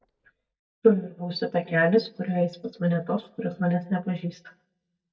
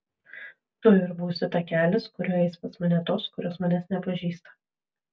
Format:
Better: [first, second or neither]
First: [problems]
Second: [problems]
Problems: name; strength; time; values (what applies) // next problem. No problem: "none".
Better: second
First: noise reduction (neural mask model DeepFilterNet 3)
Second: none